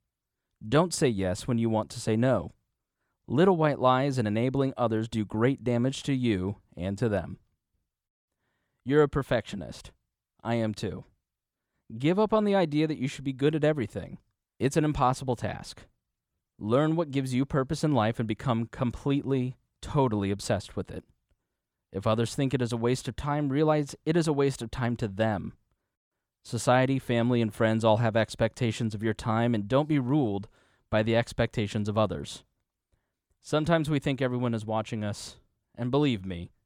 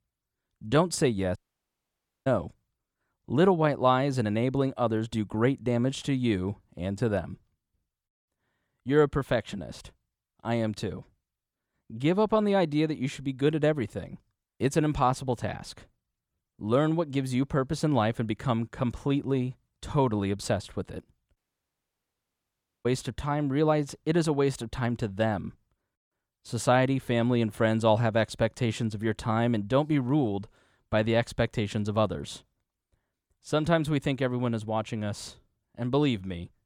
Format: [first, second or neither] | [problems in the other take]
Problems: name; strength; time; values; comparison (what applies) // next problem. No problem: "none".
first | audio cutting out; at 1.5 s for 1 s and at 21 s for 1.5 s